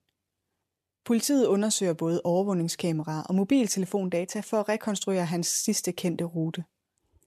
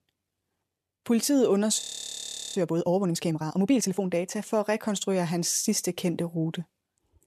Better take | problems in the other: first | audio freezing; at 2 s for 1 s

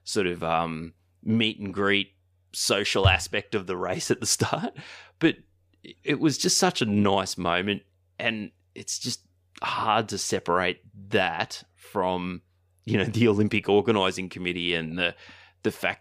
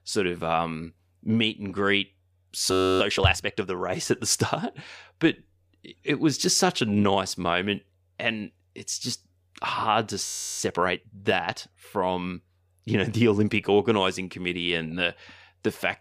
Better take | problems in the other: first | audio freezing; at 2.5 s and at 10 s

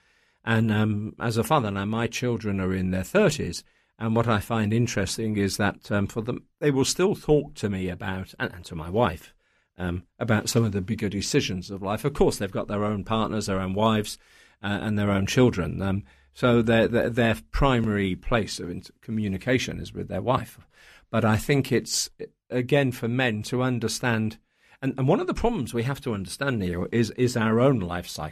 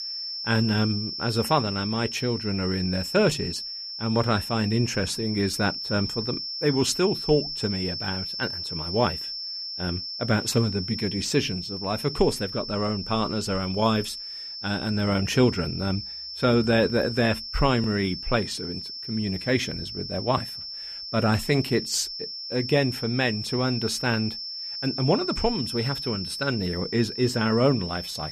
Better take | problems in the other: first | high-pitched whine; loud; throughout; 5.5 kHz, 6 dB below the speech

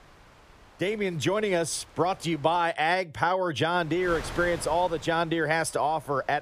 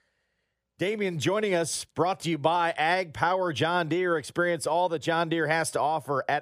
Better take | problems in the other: second | wind noise on the microphone; occasional gusts; until 2.5 s and from 3.5 s on; 20 dB below the speech

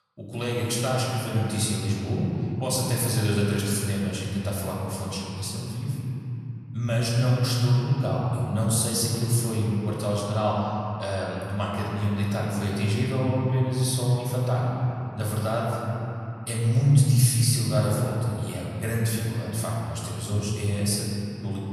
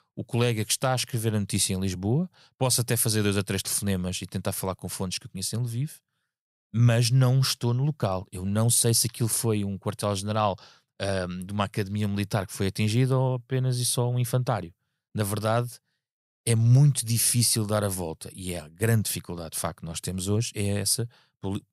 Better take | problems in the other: second | room echo; noticeable; dies away in 3 s // off-mic speech; far

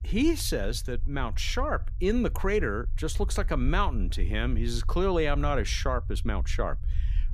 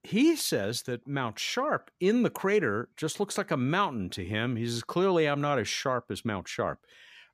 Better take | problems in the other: second | low rumble; faint; throughout; 25 dB below the speech

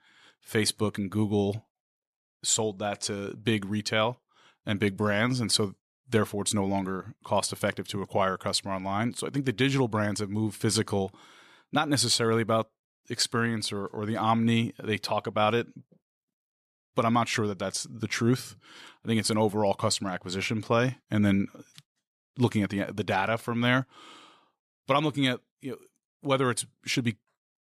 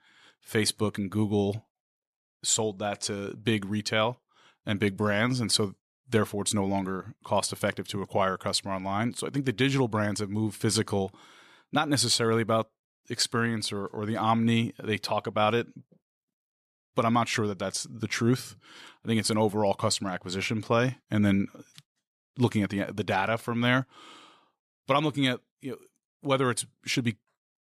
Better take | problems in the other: neither | none

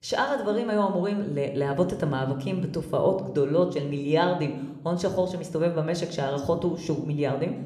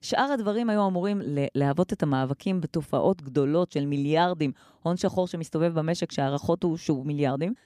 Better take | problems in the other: second | room echo; slight; dies away in 0.7 s

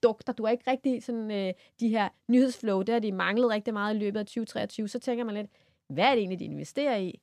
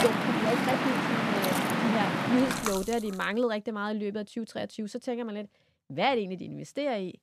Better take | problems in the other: first | rain or running water; very loud; until 2.5 s; 3 dB above the speech

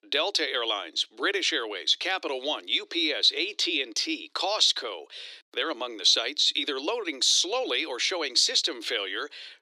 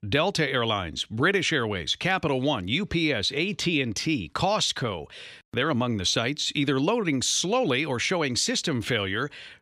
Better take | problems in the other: second | thin; very; fading below 300 Hz

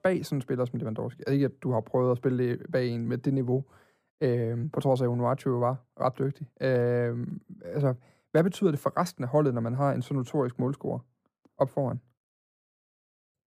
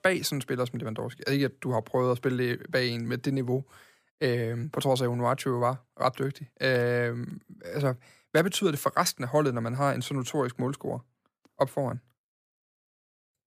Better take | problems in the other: second | muffled; slightly; fading above 1.5 kHz

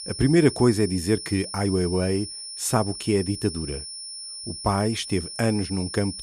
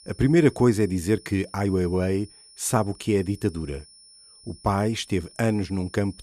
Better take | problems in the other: second | high-pitched whine; loud; throughout; 5.5 kHz, 9 dB below the speech; faint in the second

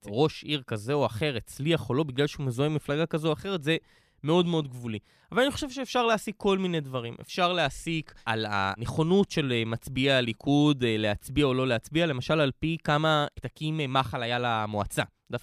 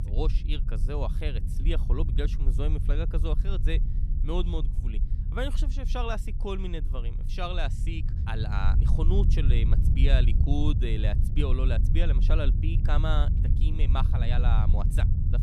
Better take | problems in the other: first | low rumble; loud; throughout; 8 dB below the speech

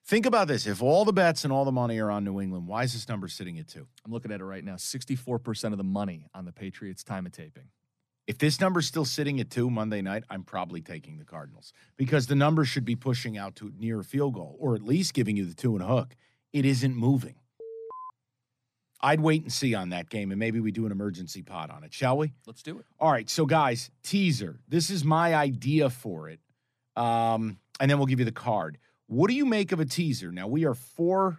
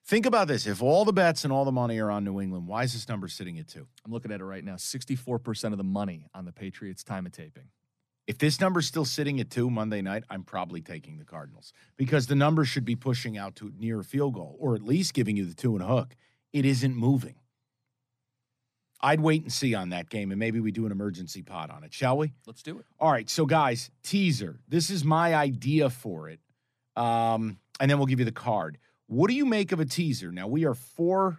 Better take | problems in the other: second | alarm; faint; at 18 s; peak 15 dB below the speech

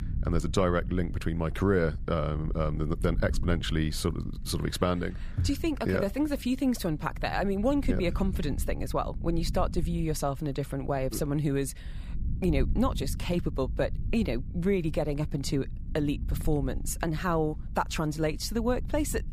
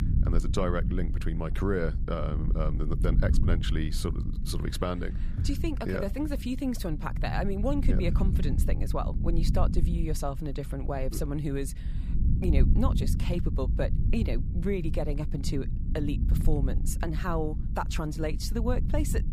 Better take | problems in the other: first | low rumble; loud; throughout; 10 dB below the speech; faint in the first

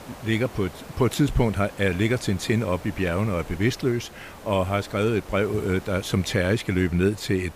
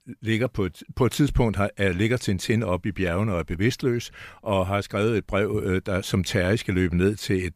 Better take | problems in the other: second | hiss; noticeable; throughout; 20 dB below the speech

